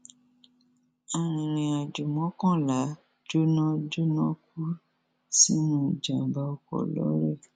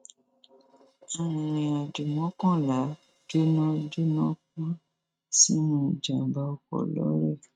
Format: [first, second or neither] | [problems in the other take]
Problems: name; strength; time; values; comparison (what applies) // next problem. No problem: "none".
first | noise reduction (neural mask model RNNoise)